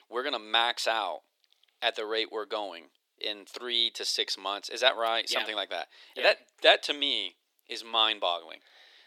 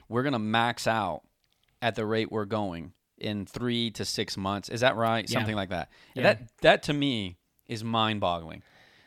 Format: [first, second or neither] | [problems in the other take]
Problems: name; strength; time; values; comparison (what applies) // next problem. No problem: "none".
second | thin; very; fading below 350 Hz